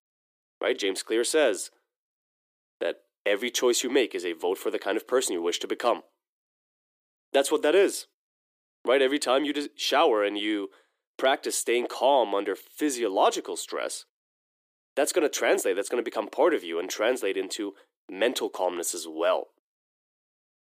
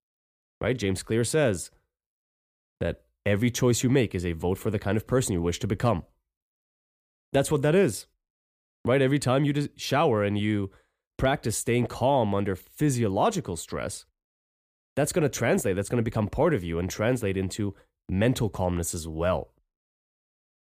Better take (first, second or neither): second